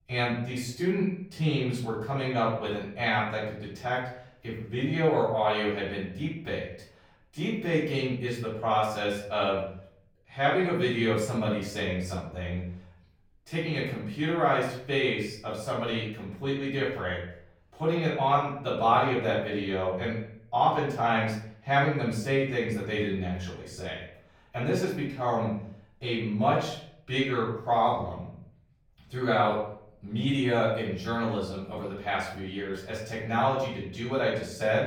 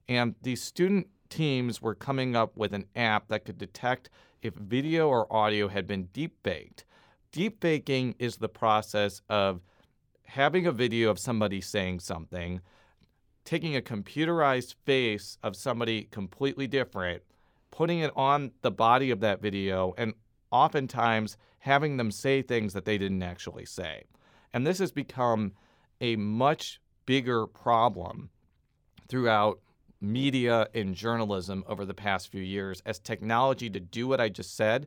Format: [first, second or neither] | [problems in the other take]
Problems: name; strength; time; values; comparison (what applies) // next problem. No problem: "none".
second | off-mic speech; far // room echo; noticeable; dies away in 0.6 s